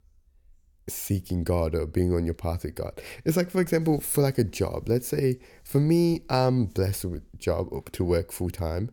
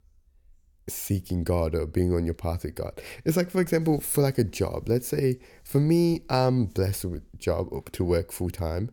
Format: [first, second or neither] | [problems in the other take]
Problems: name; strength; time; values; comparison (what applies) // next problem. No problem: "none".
neither | none